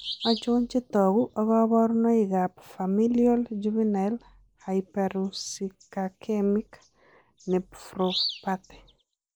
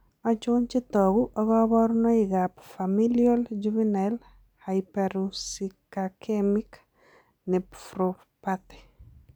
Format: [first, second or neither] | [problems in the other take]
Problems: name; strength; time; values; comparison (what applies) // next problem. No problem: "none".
second | noise reduction (neural mask model Resemble Enhance denoiser)